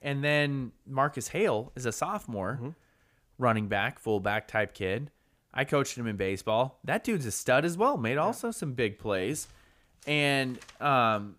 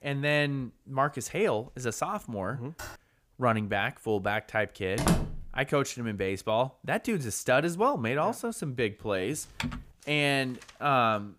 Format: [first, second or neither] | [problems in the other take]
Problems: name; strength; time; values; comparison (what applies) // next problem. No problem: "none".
first | keyboard typing; faint; at 3 s; peak 15 dB below the speech // door banging; loud; at 5 s; peak 2 dB above the speech // keyboard typing; noticeable; at 9.5 s; peak 7 dB below the speech